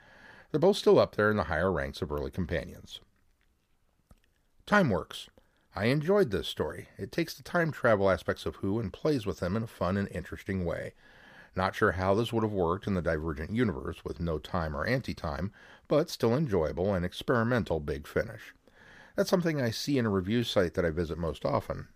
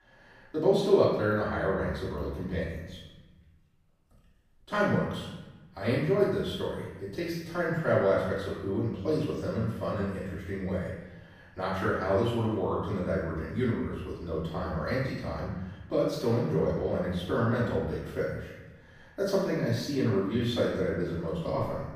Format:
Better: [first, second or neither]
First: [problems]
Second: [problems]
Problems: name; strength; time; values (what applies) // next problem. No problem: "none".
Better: first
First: none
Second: off-mic speech; far // room echo; noticeable; dies away in 1 s